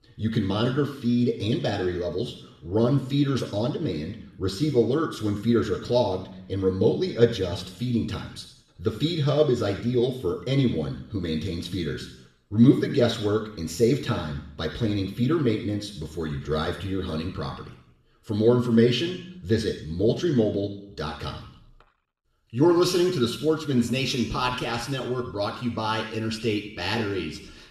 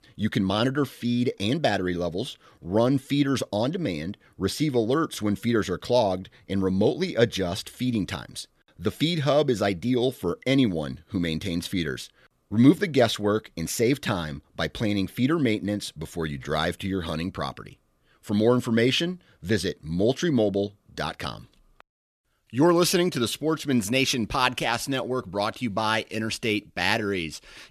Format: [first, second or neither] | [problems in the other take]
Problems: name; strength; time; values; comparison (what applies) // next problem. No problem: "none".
second | room echo; noticeable; dies away in 0.7 s // off-mic speech; somewhat distant